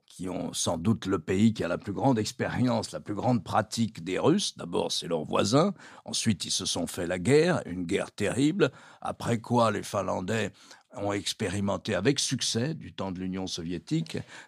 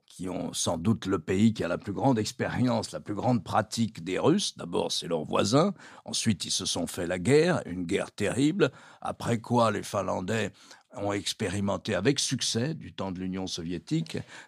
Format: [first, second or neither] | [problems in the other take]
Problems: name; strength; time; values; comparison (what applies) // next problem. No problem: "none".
neither | none